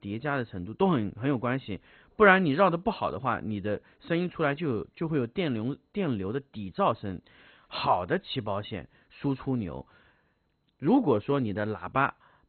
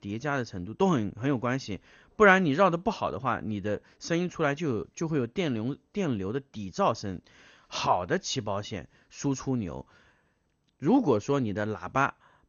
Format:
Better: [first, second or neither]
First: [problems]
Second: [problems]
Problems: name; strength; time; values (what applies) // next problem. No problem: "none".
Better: second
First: garbled, watery; badly; nothing above 4 kHz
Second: garbled, watery; slightly; nothing above 6.5 kHz